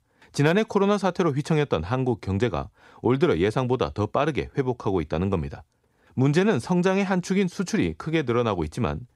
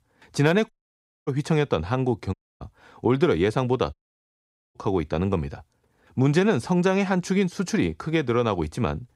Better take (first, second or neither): first